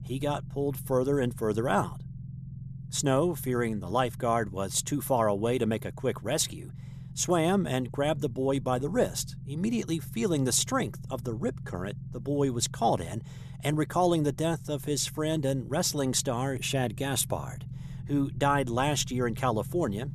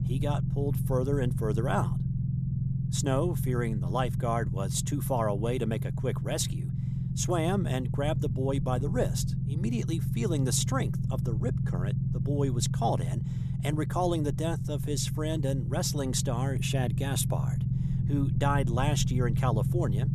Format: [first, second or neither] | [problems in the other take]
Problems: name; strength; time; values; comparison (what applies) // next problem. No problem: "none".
first | low rumble; loud; throughout; 9 dB below the speech; faint in the first